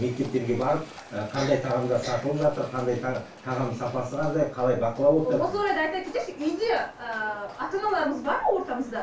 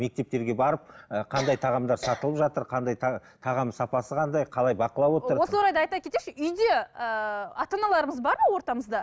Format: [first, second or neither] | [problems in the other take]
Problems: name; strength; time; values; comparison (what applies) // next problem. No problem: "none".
second | background sound (Livestock, farm animals, working animals); 20 dB below the speech // room echo; dies away in 0.2 s